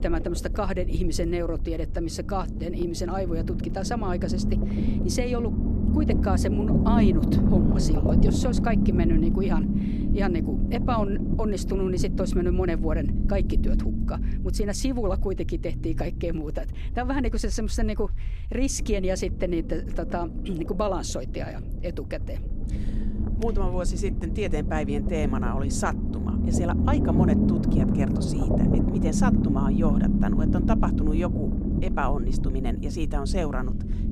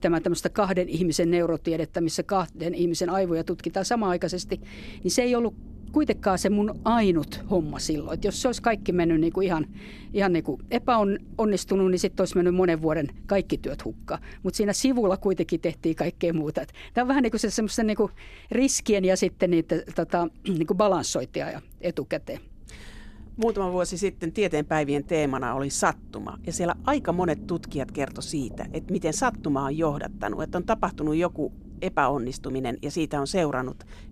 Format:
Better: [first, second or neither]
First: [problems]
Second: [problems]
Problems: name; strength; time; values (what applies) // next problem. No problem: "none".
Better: second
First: low rumble; loud; throughout; 2 dB below the speech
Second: low rumble; faint; throughout; 25 dB below the speech